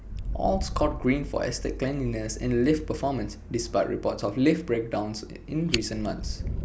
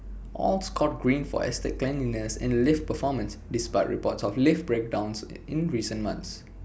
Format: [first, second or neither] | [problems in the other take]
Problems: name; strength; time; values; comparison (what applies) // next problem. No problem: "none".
second | background sound (Fire); 9 dB below the speech